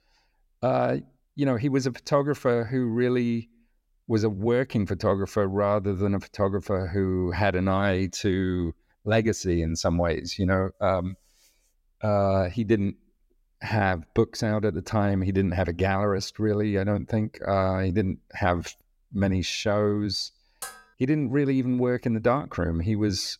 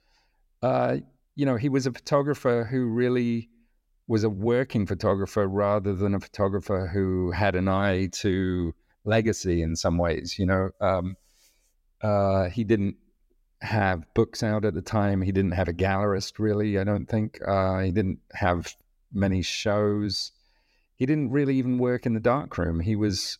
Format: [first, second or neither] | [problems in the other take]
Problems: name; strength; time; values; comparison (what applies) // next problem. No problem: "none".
second | clattering dishes; faint; at 21 s; peak 15 dB below the speech